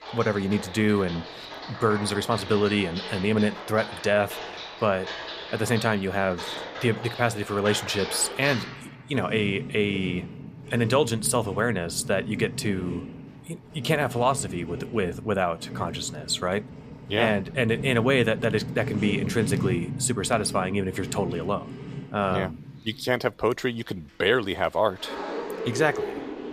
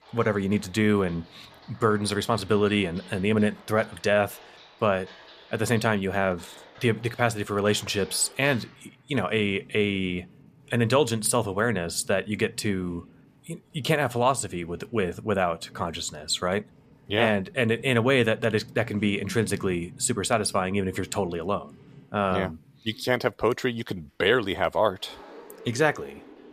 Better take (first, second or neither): second